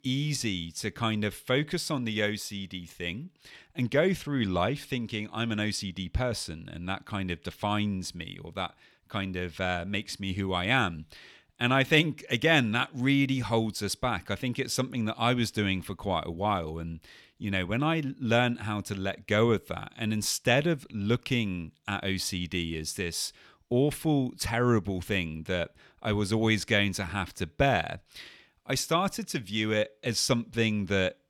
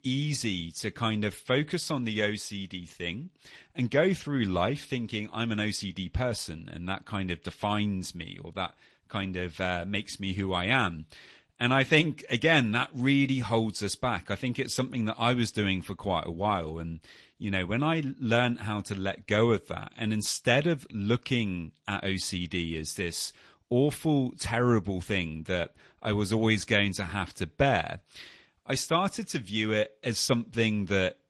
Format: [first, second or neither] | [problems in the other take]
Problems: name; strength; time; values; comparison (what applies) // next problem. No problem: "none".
first | garbled, watery; slightly; nothing above 12 kHz